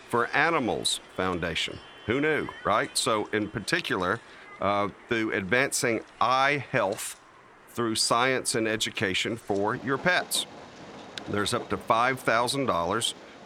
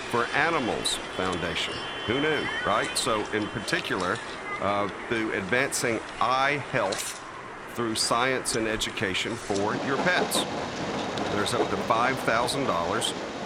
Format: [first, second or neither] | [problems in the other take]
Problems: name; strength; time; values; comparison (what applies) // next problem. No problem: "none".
first | train or aircraft noise; loud; throughout; 6 dB below the speech; faint in the first